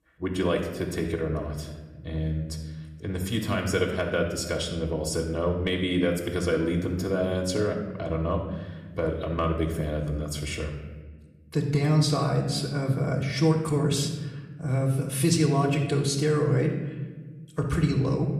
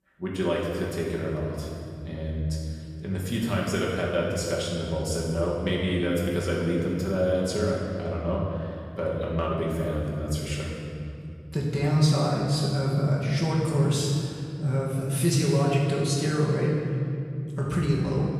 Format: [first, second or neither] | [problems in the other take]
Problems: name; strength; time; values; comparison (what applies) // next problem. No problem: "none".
first | room echo; strong; dies away in 2.8 s; slight in the first // off-mic speech; far; somewhat distant in the first